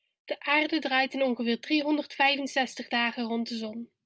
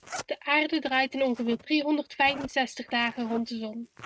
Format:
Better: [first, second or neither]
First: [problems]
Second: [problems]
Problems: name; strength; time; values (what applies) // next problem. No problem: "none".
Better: first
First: none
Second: noise reduction (neural mask model RNNoise)